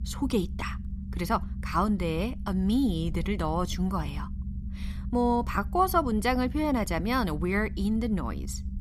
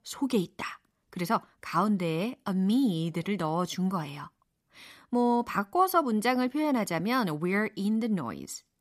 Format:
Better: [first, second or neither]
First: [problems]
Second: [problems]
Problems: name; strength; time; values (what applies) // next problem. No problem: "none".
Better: second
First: low rumble; faint; throughout; 20 dB below the speech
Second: none